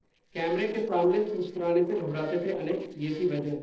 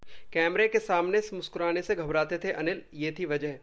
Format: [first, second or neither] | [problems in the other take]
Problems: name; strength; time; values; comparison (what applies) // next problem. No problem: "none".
second | noise reduction (neural separator model SepFormer DNS4)